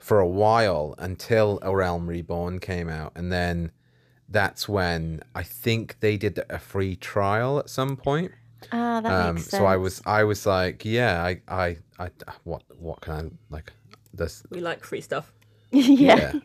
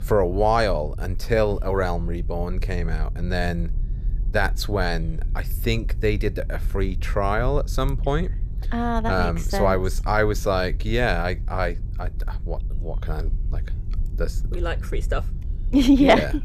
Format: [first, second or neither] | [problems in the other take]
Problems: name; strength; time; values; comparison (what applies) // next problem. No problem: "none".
first | low rumble; faint; throughout; 25 dB below the speech